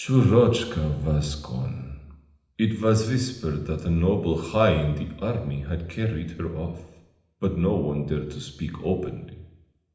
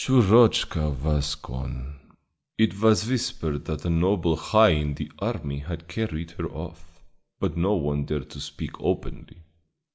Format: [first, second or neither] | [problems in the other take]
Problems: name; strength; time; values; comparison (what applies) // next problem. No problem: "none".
second | room echo; dies away in 0.8 s